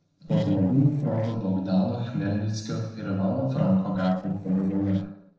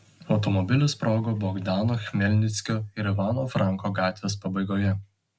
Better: second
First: noise reduction (neural separator model SepFormer DNS4)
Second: none

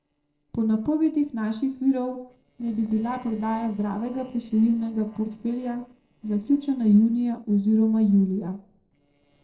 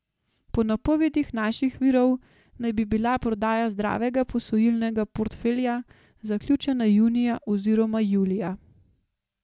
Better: second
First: noise reduction (neural separator model SepFormer DNS4)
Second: none

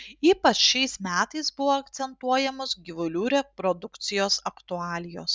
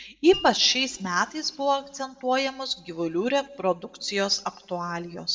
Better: first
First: none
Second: background sound (Mallet percussion); 15 dB below the speech // room echo; dies away in 2 s

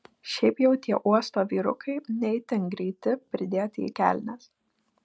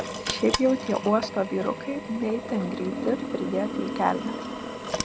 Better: first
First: none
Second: background sound (Drill); 5 dB below the speech

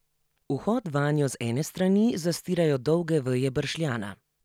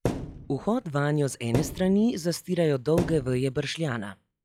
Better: first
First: none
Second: noise reduction (classical method log-MMSE)

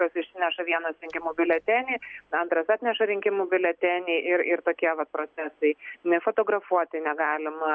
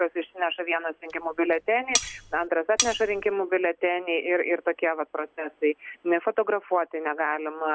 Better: first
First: none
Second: background sound (Cutlery, silverware); 3 dB below the speech

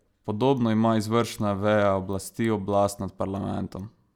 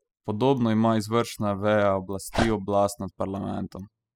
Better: first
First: none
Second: noise reduction (classical method spectral subtraction)

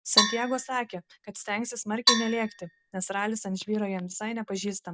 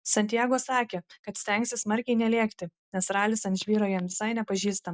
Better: second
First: background sound (Percussion); 1 dB above the speech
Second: none

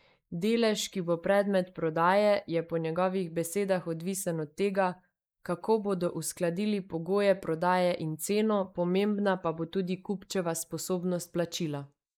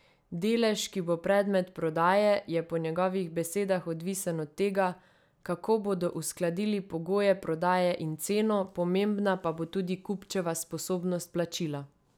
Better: second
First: noise reduction (neural mask model Resemble Enhance denoiser)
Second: none

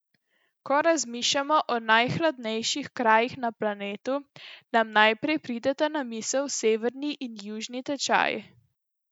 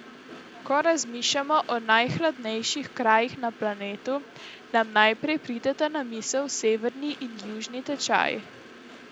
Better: first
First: none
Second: background sound (Train); 19 dB below the speech

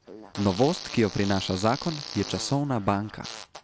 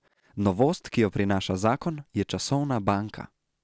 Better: second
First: background sound (Fart); 13 dB below the speech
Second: none

